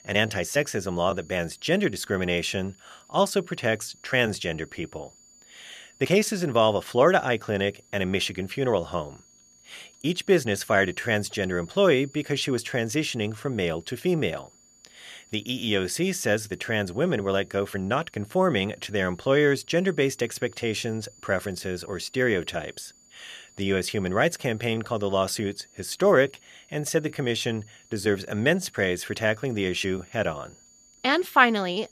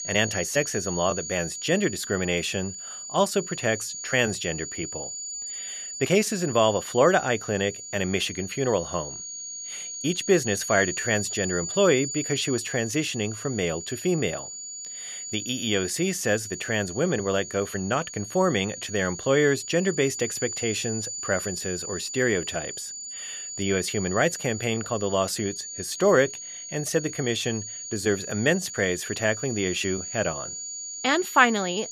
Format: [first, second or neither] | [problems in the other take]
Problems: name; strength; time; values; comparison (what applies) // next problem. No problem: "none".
first | high-pitched whine; loud; throughout; 6.5 kHz, 7 dB below the speech; faint in the first